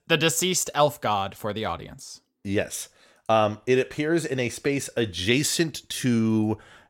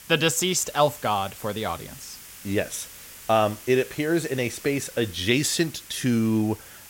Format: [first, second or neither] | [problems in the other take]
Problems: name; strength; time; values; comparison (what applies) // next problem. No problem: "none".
first | hiss; noticeable; throughout; 15 dB below the speech